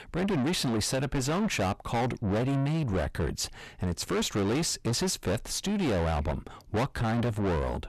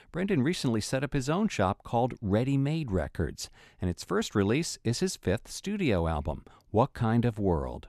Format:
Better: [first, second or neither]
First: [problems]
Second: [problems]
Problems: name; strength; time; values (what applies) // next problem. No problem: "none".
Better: second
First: distortion; heavy; 5 dB below the speech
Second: none